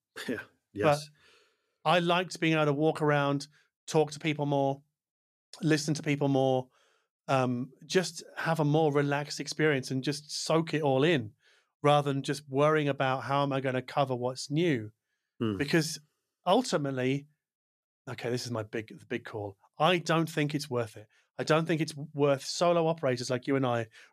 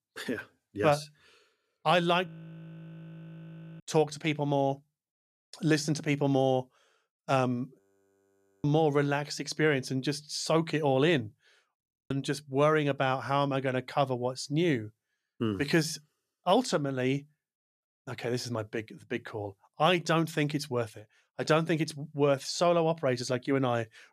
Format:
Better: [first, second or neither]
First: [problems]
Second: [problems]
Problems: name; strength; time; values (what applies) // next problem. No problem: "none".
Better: first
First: none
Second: audio freezing; at 2.5 s for 1.5 s, at 8 s for 1 s and at 12 s